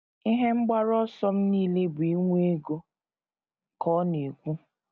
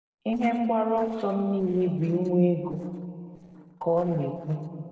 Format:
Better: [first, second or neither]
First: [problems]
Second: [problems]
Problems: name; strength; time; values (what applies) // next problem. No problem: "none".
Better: first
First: none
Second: noise reduction (neural separator model SepFormer DNS4)